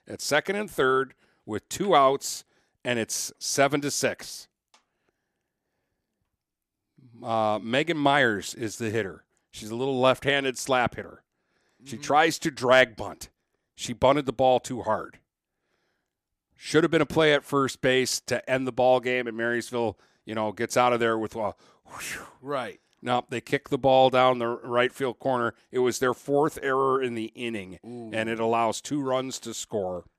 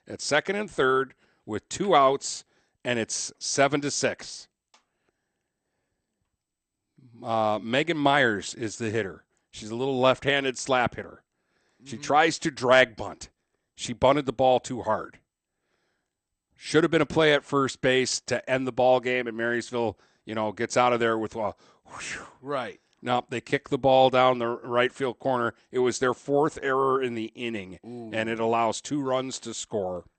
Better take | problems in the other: first | garbled, watery; slightly; nothing above 8.5 kHz

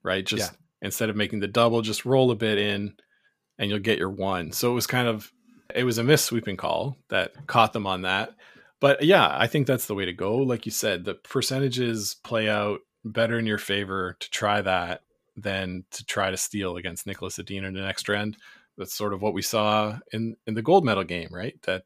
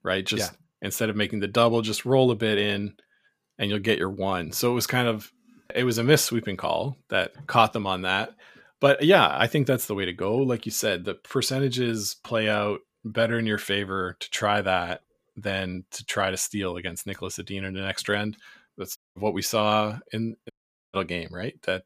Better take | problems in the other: first | audio cutting out; at 19 s and at 21 s

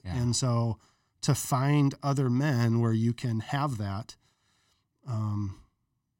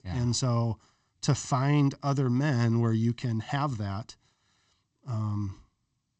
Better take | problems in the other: first | garbled, watery; slightly; nothing above 8 kHz

